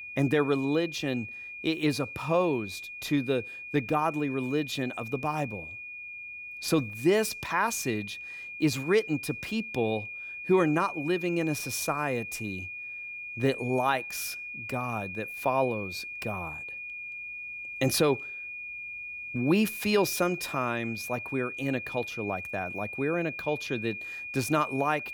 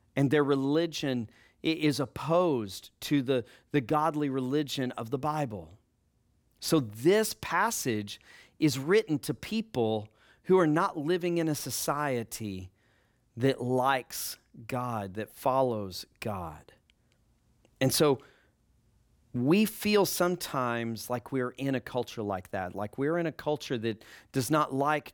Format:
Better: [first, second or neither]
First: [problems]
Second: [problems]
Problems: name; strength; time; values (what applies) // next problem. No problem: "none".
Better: second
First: high-pitched whine; loud; throughout; 2.5 kHz, 8 dB below the speech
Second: none